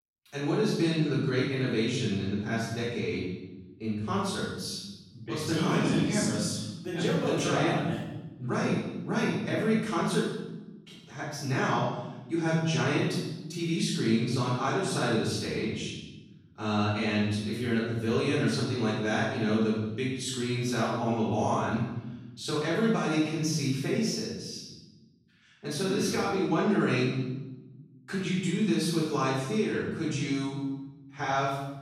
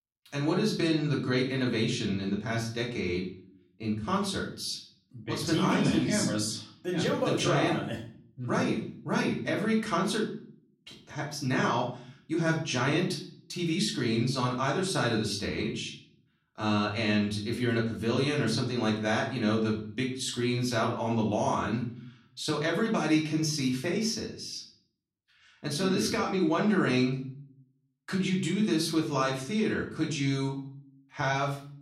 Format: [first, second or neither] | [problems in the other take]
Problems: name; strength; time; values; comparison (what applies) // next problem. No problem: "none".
second | room echo; strong; dies away in 1.1 s; slight in the second // off-mic speech; far; far in the second